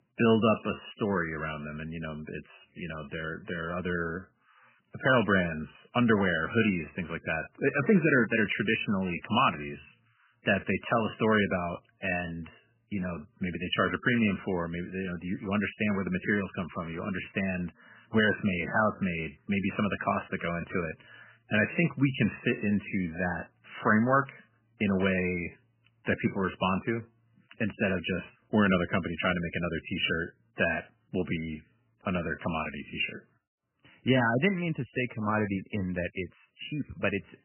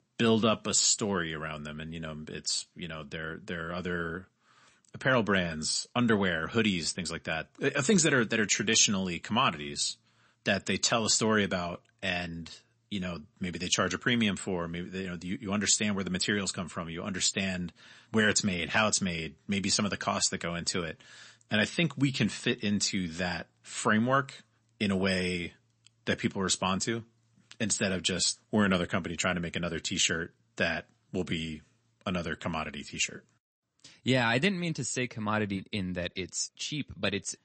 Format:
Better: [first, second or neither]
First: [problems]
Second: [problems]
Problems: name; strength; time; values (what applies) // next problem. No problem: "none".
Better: second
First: garbled, watery; badly; nothing above 3 kHz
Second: garbled, watery; slightly; nothing above 8 kHz